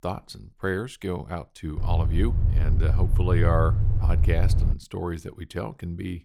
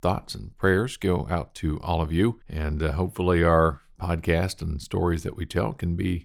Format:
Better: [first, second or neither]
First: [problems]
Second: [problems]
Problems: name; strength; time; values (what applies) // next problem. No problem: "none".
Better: second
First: low rumble; loud; from 2 to 4.5 s; 8 dB below the speech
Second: none